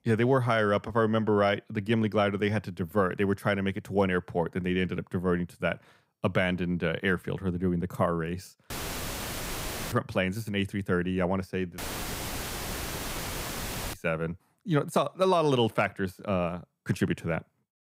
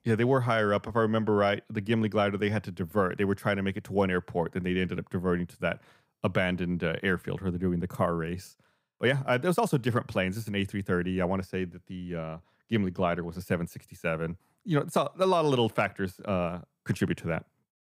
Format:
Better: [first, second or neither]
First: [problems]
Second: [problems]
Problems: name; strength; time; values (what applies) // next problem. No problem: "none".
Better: second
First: audio cutting out; filled with static; at 8.5 s for 1 s and at 12 s for 2 s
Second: none